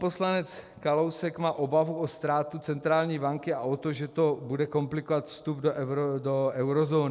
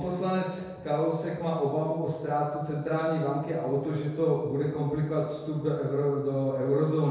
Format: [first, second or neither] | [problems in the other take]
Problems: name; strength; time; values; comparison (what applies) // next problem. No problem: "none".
first | room echo; dies away in 1.2 s